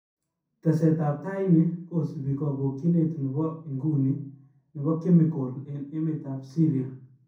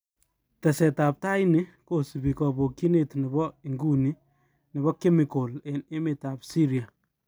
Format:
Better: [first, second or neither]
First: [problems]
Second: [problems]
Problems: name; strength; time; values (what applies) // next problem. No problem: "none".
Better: second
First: room echo; dies away in 0.6 s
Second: none